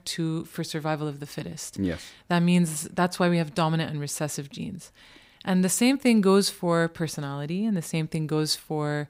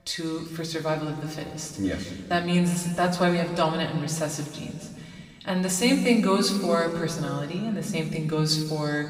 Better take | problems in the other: first | room echo; noticeable; dies away in 2 s // off-mic speech; somewhat distant

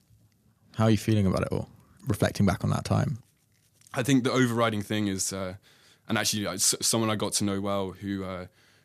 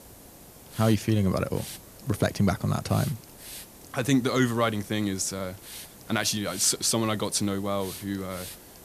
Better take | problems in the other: first | hiss; noticeable; throughout; 15 dB below the speech

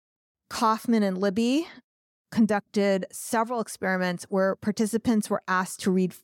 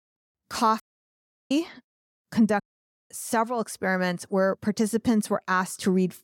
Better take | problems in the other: first | audio cutting out; at 1 s for 0.5 s and at 2.5 s for 0.5 s

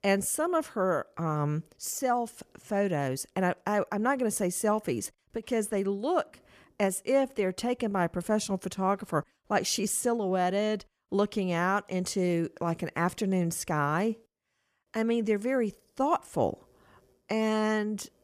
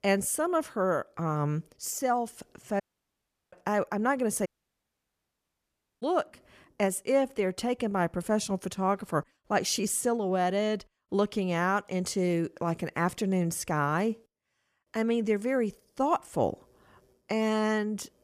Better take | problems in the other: first | audio cutting out; at 3 s for 0.5 s and at 4.5 s for 1.5 s

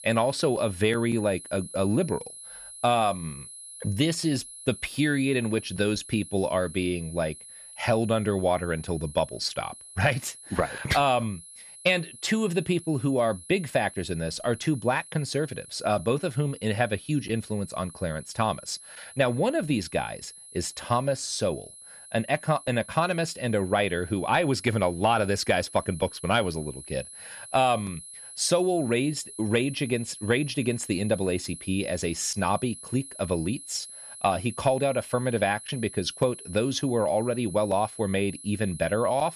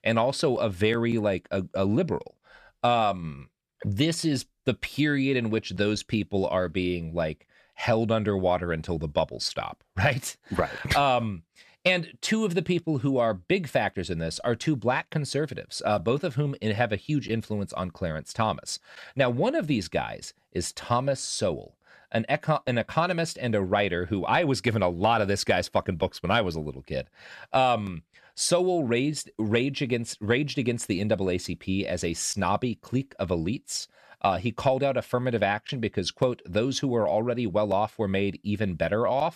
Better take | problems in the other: second | high-pitched whine; noticeable; throughout; 10.5 kHz, 15 dB below the speech

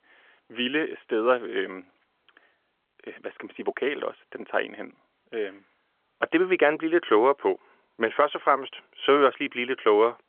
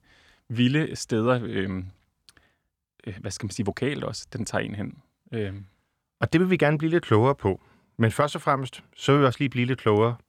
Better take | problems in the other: second | phone-call audio; nothing above 3.5 kHz

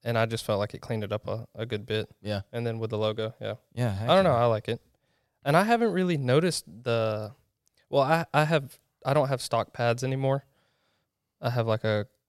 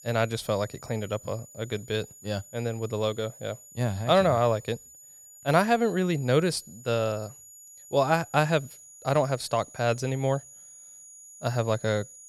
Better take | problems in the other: first | high-pitched whine; noticeable; throughout; 7 kHz, 20 dB below the speech

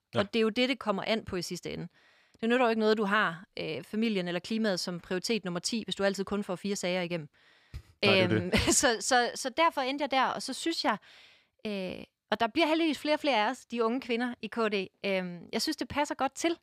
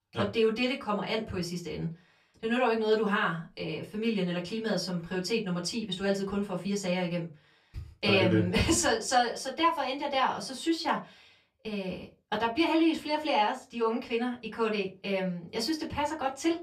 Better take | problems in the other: first | off-mic speech; far // room echo; very slight; dies away in 0.2 s

